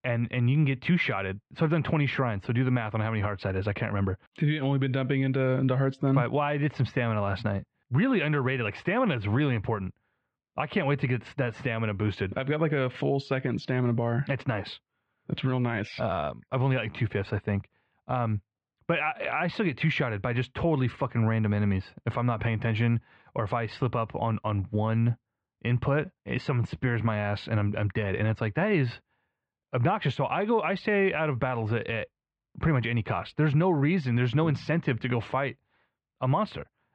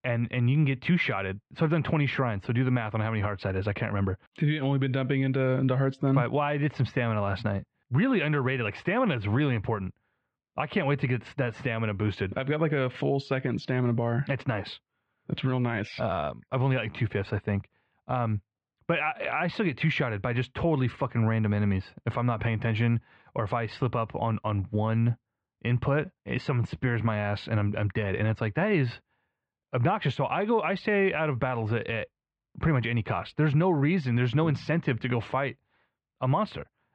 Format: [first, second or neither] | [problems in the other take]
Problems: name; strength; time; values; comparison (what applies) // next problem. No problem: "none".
neither | muffled; very; fading above 3 kHz; the same in both